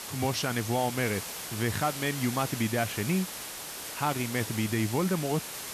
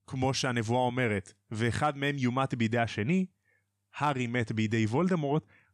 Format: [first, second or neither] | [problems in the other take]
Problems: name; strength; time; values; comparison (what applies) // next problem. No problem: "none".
second | hiss; loud; throughout; 6 dB below the speech